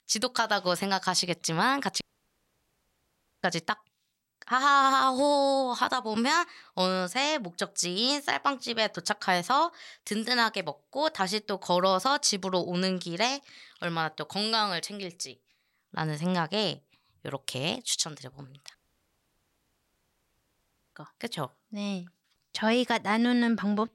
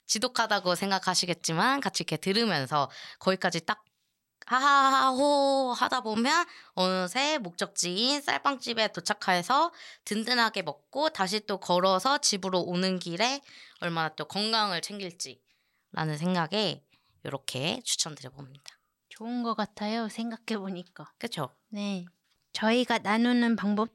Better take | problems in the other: second | audio cutting out; at 2 s for 1.5 s and at 19 s for 2 s

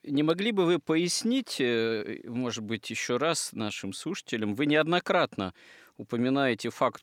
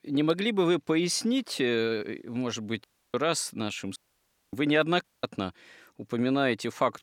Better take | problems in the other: first | audio cutting out; at 3 s, at 4 s for 0.5 s and at 5 s

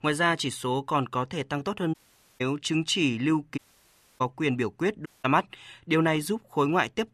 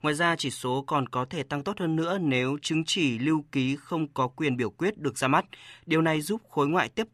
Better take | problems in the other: second | audio cutting out; at 2 s, at 3.5 s for 0.5 s and at 5 s

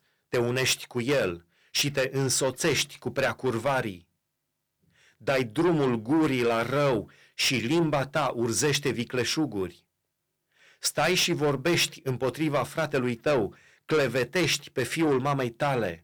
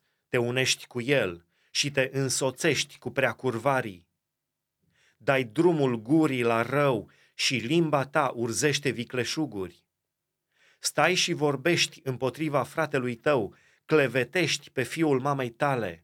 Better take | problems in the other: second | distortion; heavy; 8 dB below the speech

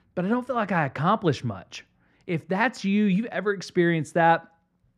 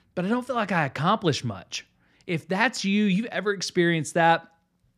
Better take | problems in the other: second | muffled; slightly; fading above 2.5 kHz

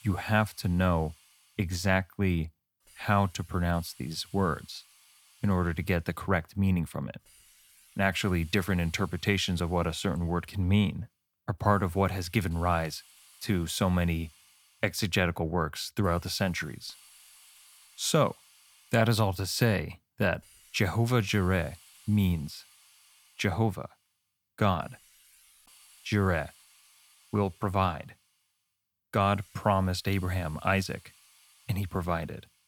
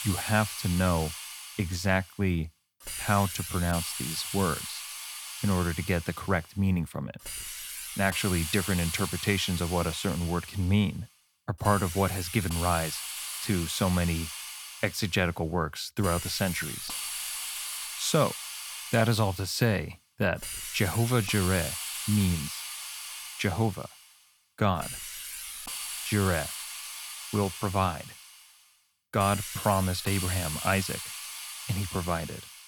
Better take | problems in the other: first | hiss; loud; throughout; 7 dB below the speech; faint in the first

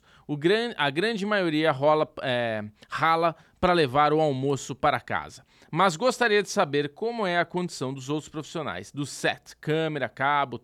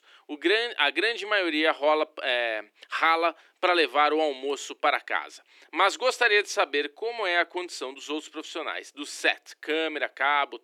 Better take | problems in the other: first | thin; somewhat; fading below 300 Hz

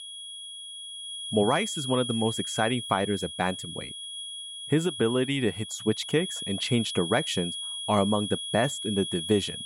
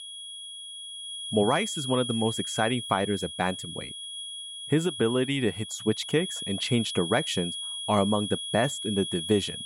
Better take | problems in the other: neither | high-pitched whine; loud; throughout; 3.5 kHz, 6 dB below the speech; the same in both

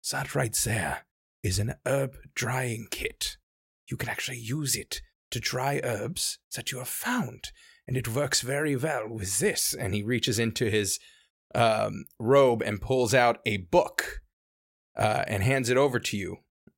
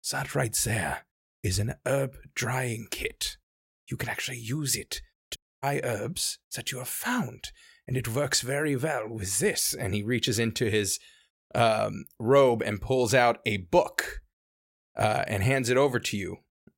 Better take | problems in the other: first | audio cutting out; at 5.5 s

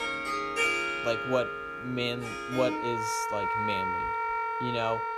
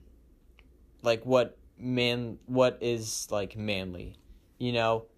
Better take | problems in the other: second | background music; very loud; throughout; 2 dB above the speech

